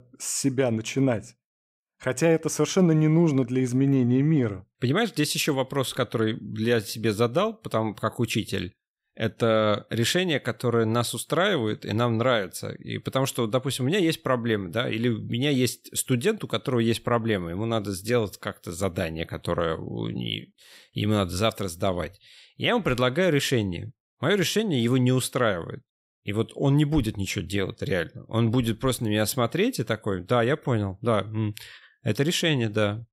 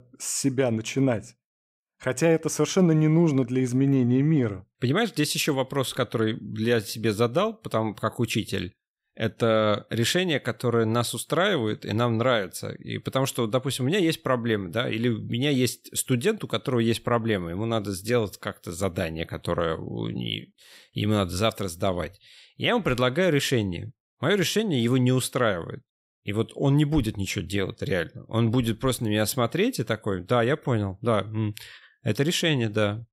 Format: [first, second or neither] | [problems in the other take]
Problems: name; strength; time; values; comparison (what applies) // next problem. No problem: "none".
neither | none